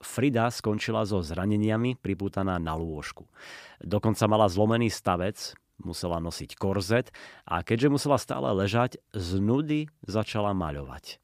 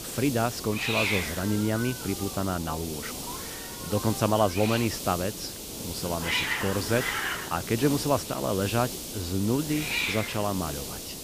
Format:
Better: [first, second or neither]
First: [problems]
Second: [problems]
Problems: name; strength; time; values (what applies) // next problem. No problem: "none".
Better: first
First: none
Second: hiss; loud; throughout; 3 dB below the speech